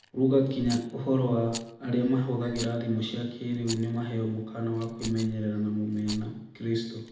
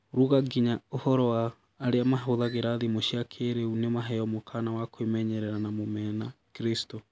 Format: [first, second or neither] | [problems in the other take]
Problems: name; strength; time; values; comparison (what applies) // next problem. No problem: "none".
second | background sound (Rattle); 17 dB below the speech // room echo; dies away in 0.8 s